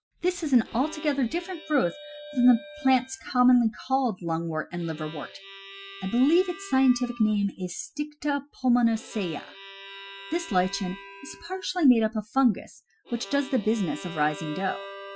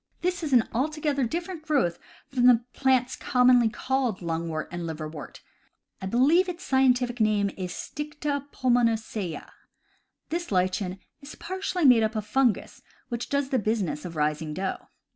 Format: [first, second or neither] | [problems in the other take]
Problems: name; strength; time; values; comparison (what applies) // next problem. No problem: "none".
second | noise reduction (classical method Wiener filter)